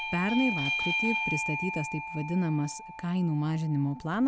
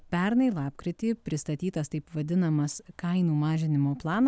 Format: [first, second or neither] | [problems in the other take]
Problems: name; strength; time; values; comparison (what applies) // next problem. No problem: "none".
second | background sound (Bell / Doorbell); 4 dB below the speech